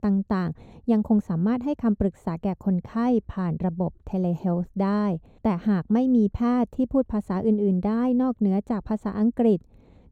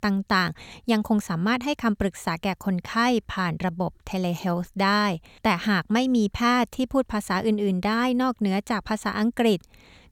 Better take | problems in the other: second | muffled; slightly; fading above 1 kHz

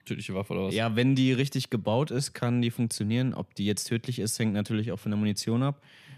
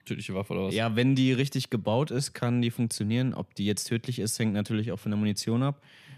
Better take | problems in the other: neither | none

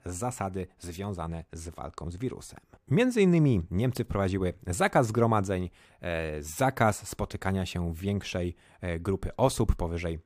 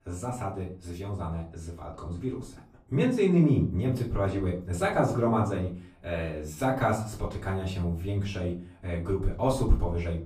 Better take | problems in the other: first | room echo; slight; dies away in 0.4 s // off-mic speech; far

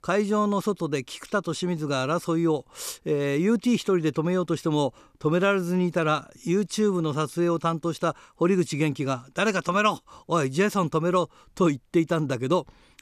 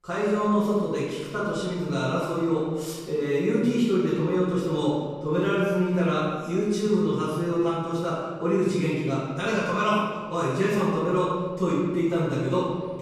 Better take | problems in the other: first | off-mic speech; far // room echo; strong; dies away in 1.4 s

